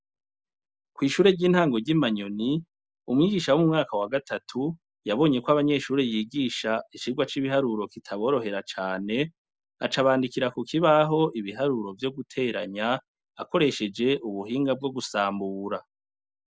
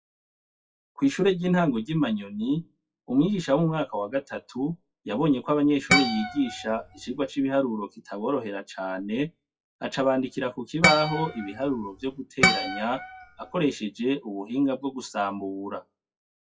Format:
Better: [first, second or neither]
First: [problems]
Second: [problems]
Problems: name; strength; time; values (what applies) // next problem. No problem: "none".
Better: first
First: none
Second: noise reduction (classical method WPE with log-MMSE)